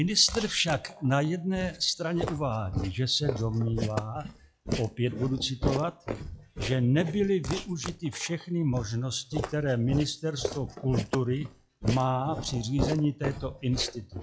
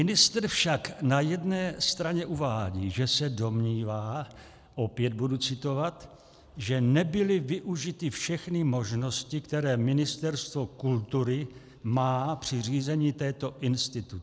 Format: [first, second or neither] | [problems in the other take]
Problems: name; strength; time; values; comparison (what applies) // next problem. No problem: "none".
second | noise reduction (classical method log-MMSE)